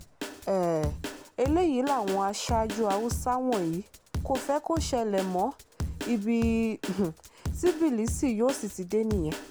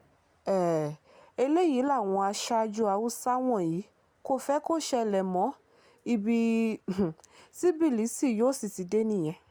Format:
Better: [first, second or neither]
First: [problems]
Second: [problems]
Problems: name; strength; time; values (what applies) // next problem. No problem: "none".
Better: second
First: background sound (Drum kit); 9 dB below the speech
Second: none